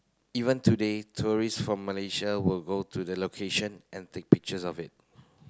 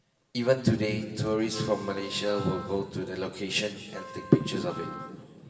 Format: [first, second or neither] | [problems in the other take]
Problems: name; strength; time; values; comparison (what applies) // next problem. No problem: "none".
first | background sound (Wind instrument, woodwind instrument); 15 dB below the speech // room echo; dies away in 2.5 s